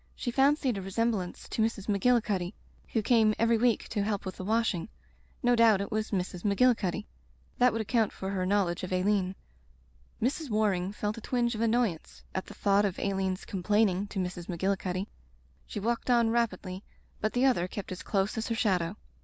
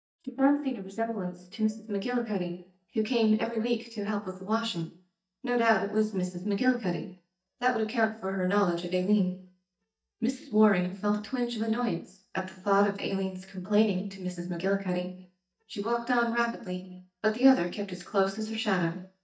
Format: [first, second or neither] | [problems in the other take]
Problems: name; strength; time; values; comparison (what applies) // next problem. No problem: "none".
first | noise reduction (neural mask model DeepFilterNet 3)